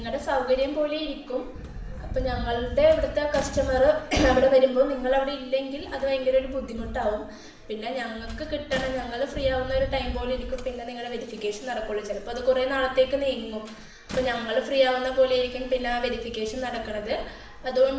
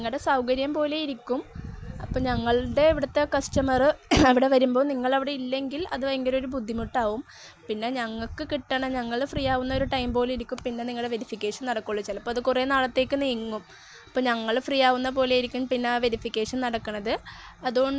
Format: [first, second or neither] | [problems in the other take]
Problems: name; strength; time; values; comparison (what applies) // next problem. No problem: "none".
second | background sound (Slam); 18 dB below the speech // room echo; dies away in 0.7 s